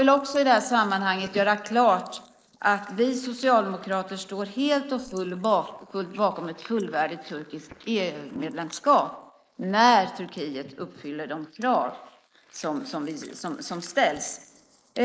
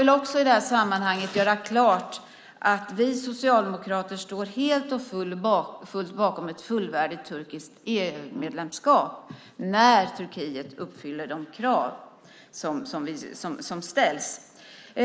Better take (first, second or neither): second